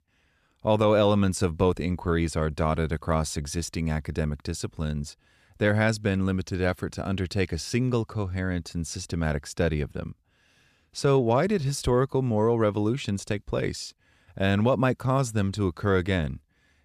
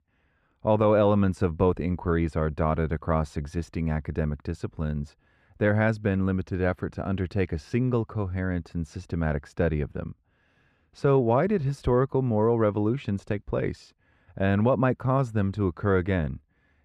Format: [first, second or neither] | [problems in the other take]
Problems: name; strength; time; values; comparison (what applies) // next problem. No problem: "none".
first | muffled; very; fading above 3 kHz